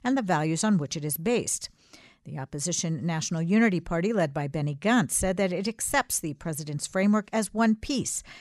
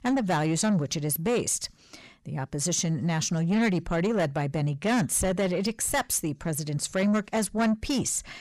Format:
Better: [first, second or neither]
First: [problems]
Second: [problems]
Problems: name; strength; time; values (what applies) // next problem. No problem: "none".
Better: first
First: none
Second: distortion; slight; 10 dB below the speech